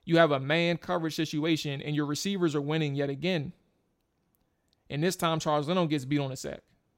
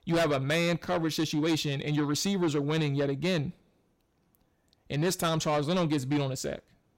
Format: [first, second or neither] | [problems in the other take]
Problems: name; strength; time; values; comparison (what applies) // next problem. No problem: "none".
first | distortion; heavy; 7 dB below the speech